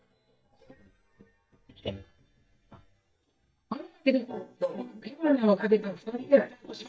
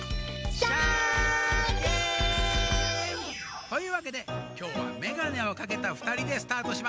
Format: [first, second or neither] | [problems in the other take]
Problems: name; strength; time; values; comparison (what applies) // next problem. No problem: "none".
second | noise reduction (neural mask model DeepFilterNet 3)